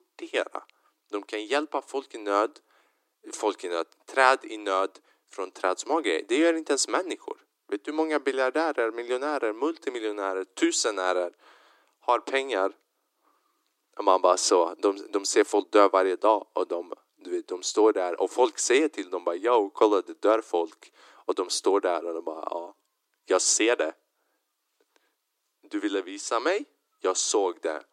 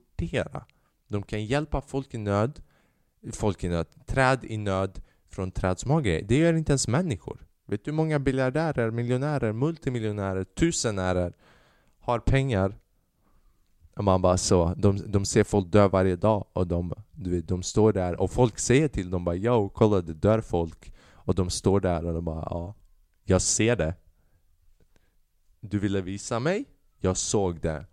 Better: second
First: thin; very; fading below 300 Hz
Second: none

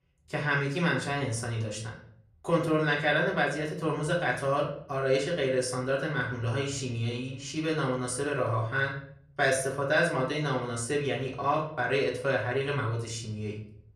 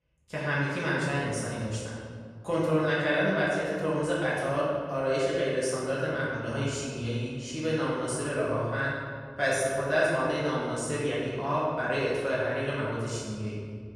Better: first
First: room echo; slight; dies away in 0.5 s // off-mic speech; far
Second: room echo; strong; dies away in 1.7 s // off-mic speech; far

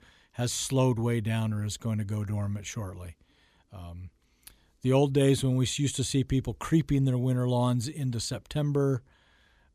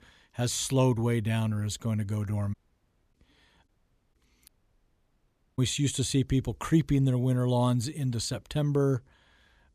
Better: first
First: none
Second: audio cutting out; at 2.5 s for 0.5 s, at 3.5 s and at 4.5 s for 1 s

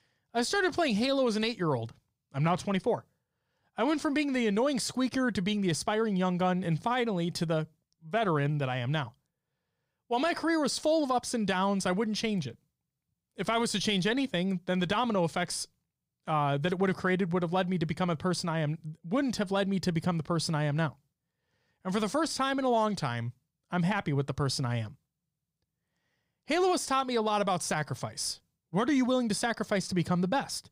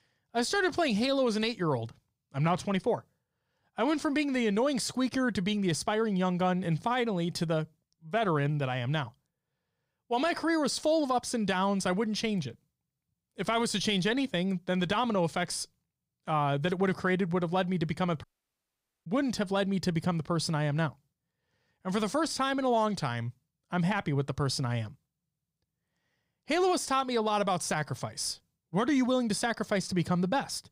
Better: first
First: none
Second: audio cutting out; at 18 s for 1 s

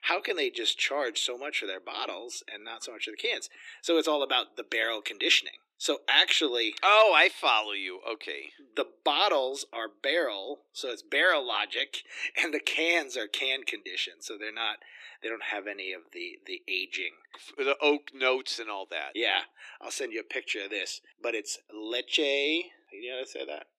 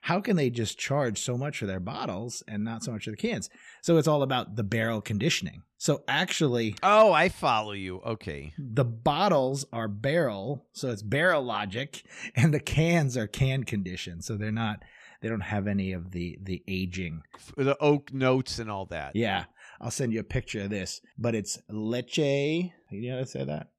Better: second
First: thin; very; fading below 300 Hz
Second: none

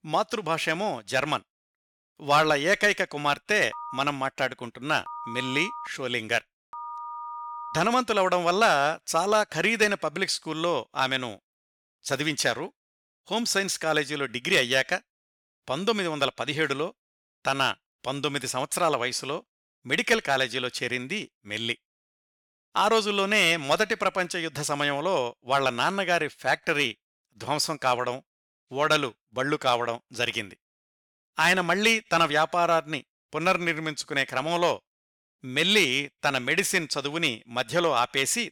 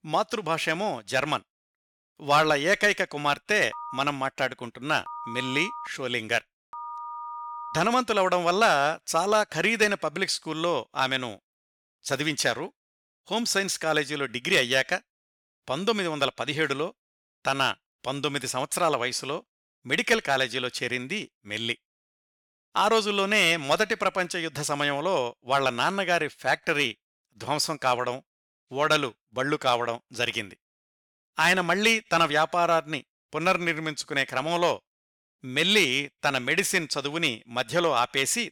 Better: neither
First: phone ringing; faint; from 3.5 to 8 s; peak 10 dB below the speech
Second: phone ringing; faint; from 3.5 to 8 s; peak 10 dB below the speech

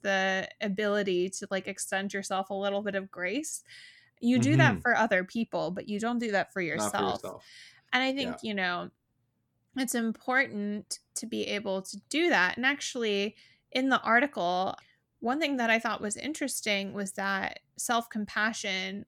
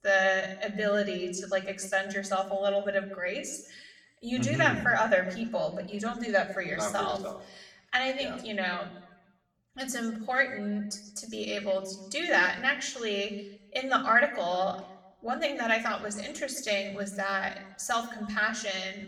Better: first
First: none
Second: room echo; slight; dies away in 0.7 s // off-mic speech; somewhat distant

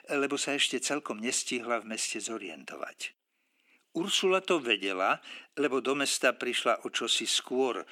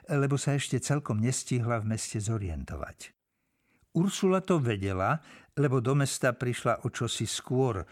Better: second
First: thin; somewhat; fading below 250 Hz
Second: none

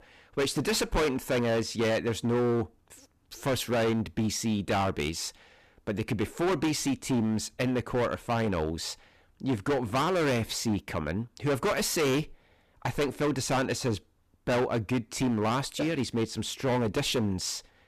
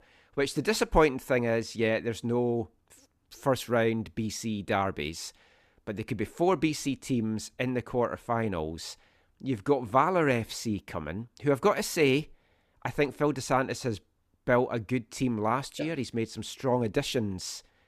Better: second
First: distortion; heavy; 15% of the sound clipped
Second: none

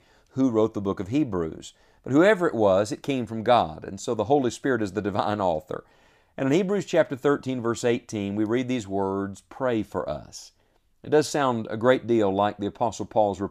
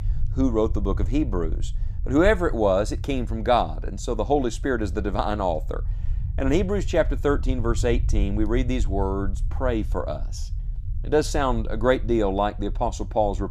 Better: first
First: none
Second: low rumble; faint; throughout; 25 dB below the speech

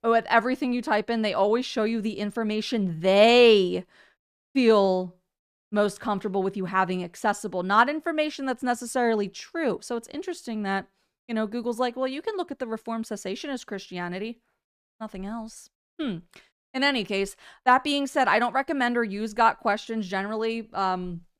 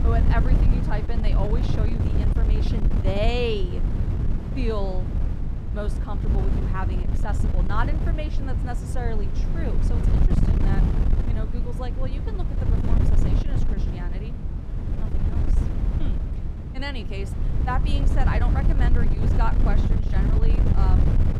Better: first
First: none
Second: wind noise on the microphone; heavy; 4 dB below the speech

